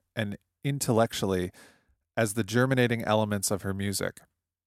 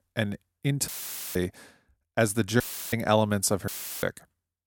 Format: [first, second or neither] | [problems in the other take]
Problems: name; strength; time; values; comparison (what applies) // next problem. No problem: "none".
first | audio cutting out; filled with static; at 1 s, at 2.5 s and at 3.5 s